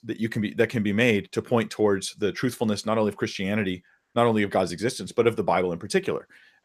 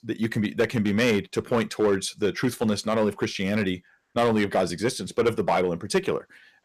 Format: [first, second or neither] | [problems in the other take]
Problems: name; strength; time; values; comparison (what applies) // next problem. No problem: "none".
first | distortion; slight; 4% of the sound clipped